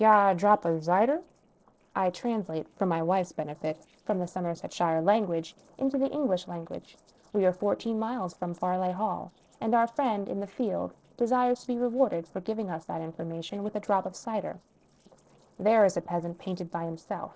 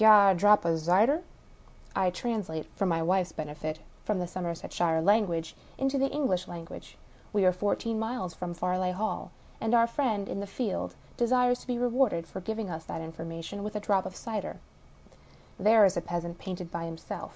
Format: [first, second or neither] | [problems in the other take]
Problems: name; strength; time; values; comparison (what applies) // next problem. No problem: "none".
second | noise reduction (neural separator model SepFormer DNS4)